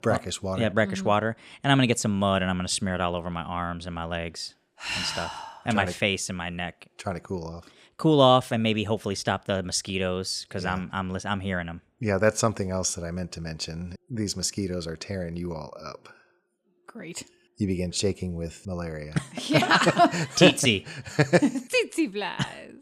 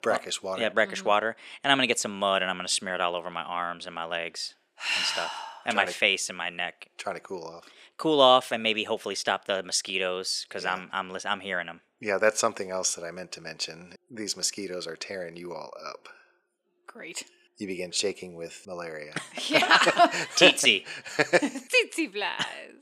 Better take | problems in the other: first | thin; somewhat; fading below 400 Hz

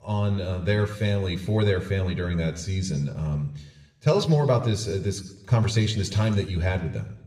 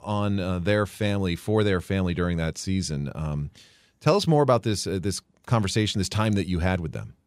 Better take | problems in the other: second | room echo; slight; dies away in 0.8 s // off-mic speech; somewhat distant

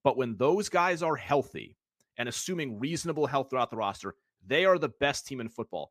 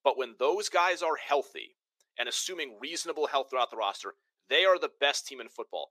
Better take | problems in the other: first | thin; very; fading below 400 Hz

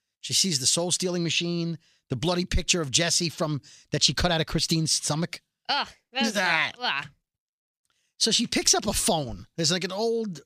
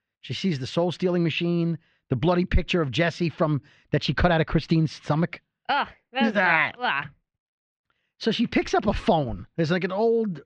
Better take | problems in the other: first | muffled; very; fading above 2.5 kHz

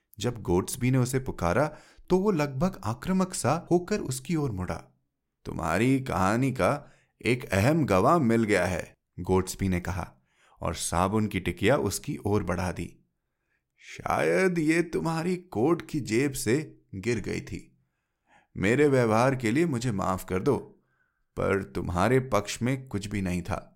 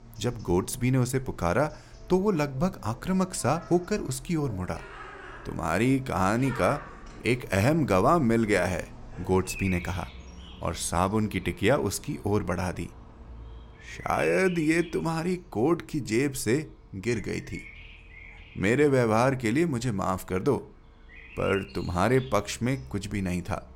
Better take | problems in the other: first | animal sounds; noticeable; throughout; 20 dB below the speech

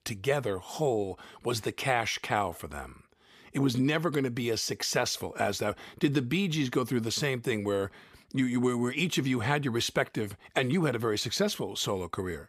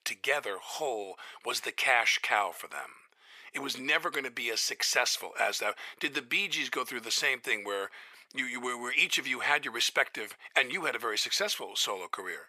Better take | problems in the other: first | thin; very; fading below 700 Hz

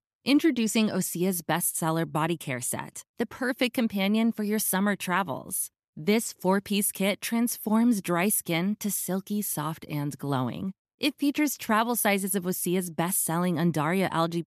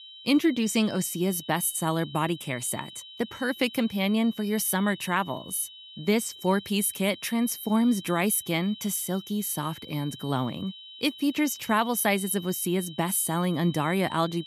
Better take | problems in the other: first | high-pitched whine; noticeable; throughout; 3 kHz, 15 dB below the speech

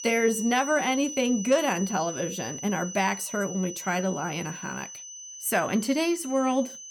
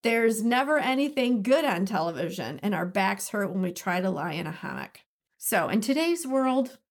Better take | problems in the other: second | high-pitched whine; loud; throughout; 6 kHz, 10 dB below the speech

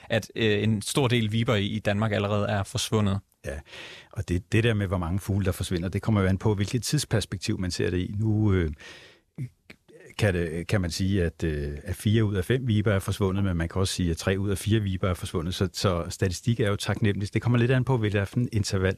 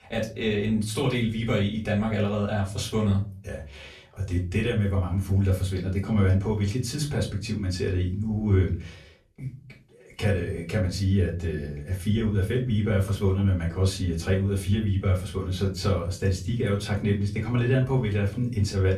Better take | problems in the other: first | off-mic speech; far // room echo; very slight; dies away in 0.3 s

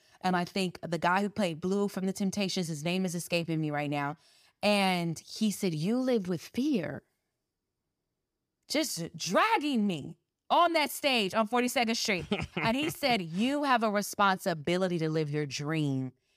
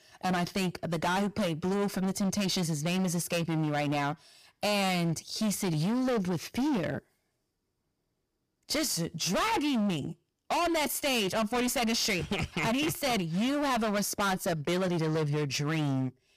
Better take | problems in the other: first | distortion; heavy; 25% of the sound clipped

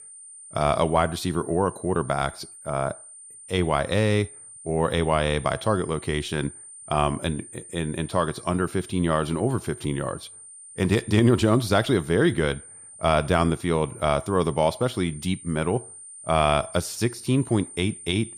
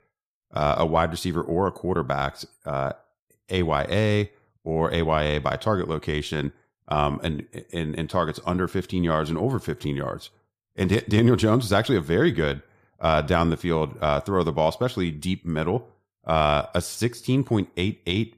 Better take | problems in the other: second | high-pitched whine; noticeable; throughout; 9 kHz, 15 dB below the speech

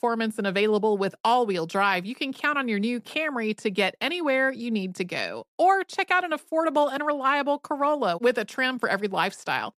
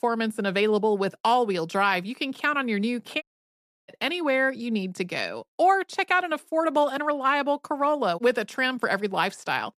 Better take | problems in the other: first | audio cutting out; at 3 s for 0.5 s

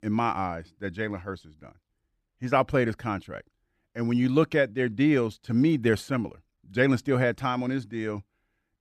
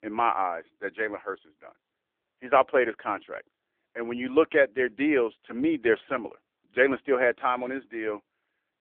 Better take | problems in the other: first | phone-call audio; poor line; nothing above 3.5 kHz

